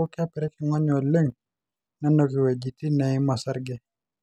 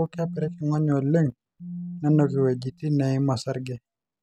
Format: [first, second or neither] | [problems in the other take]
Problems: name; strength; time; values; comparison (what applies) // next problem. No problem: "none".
first | background sound (Telephone); 13 dB below the speech